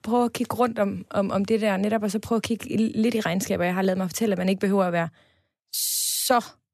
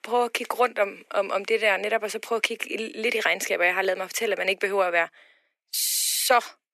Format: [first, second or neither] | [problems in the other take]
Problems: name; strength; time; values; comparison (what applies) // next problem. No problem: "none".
first | thin; very; fading below 350 Hz